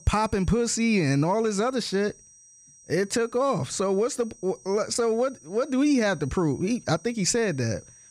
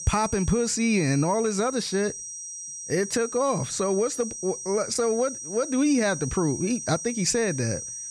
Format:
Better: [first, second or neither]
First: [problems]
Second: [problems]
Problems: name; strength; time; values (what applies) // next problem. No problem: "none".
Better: first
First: high-pitched whine; faint; throughout; 6 kHz, 25 dB below the speech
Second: high-pitched whine; loud; throughout; 6 kHz, 8 dB below the speech